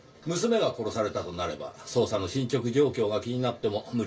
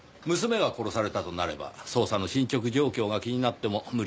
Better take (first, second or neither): second